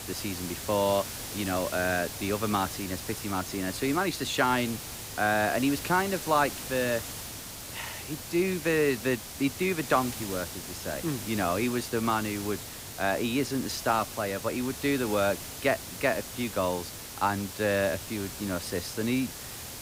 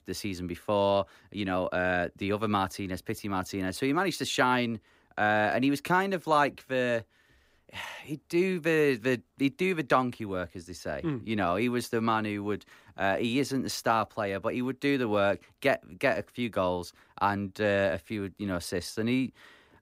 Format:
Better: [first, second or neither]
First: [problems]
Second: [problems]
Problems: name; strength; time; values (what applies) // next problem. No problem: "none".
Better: second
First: hiss; loud; throughout; 8 dB below the speech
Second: none